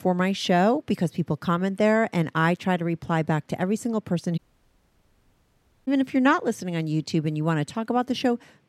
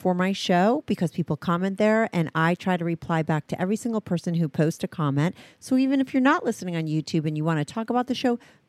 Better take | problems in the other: second | audio cutting out; at 4.5 s for 1.5 s

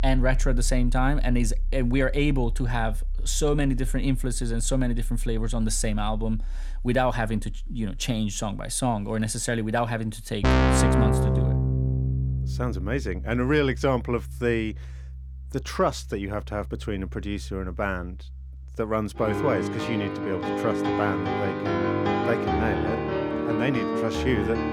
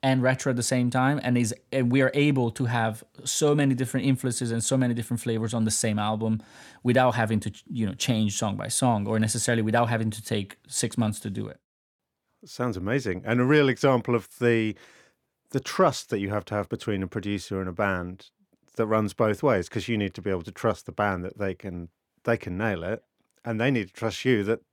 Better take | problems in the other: second | background music; loud; throughout; 1 dB below the speech

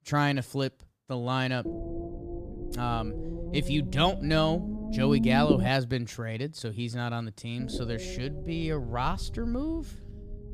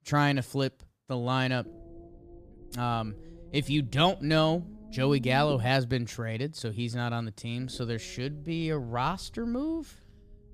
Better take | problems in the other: second | low rumble; loud; from 1.5 to 5.5 s and from 7.5 s on; 7 dB below the speech; faint in the second

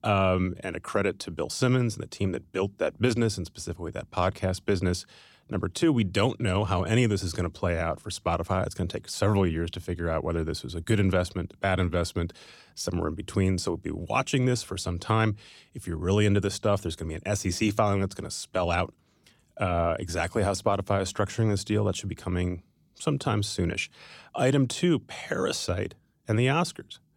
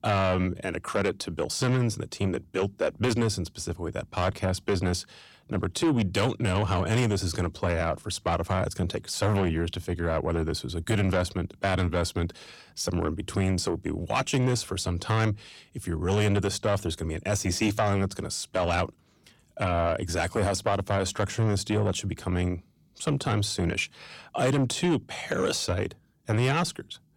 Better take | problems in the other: first | distortion; slight; 10 dB below the speech

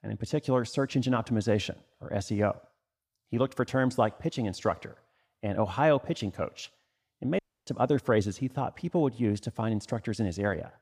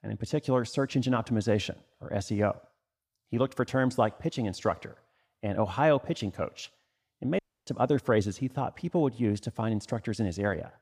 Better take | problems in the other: neither | audio cutting out; at 7.5 s; the same in both

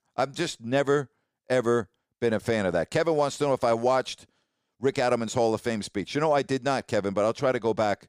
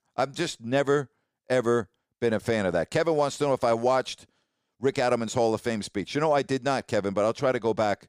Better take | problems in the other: neither | none

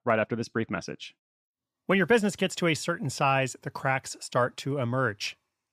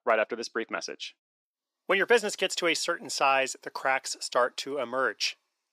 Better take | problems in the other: first | thin; somewhat; fading below 350 Hz

